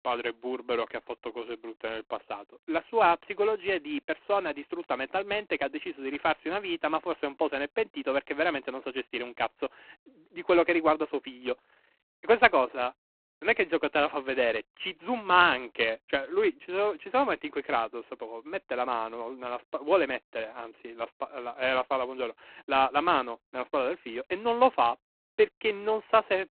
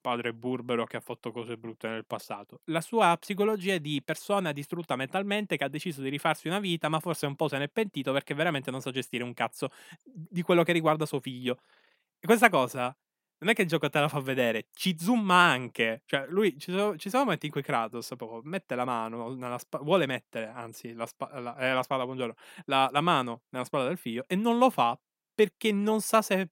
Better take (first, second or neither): second